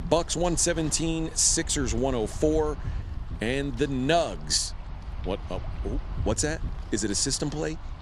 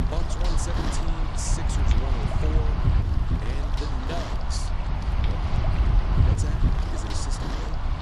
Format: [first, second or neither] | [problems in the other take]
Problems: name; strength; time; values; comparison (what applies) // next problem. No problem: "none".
first | wind noise on the microphone; heavy; 5 dB above the speech; occasional gusts in the first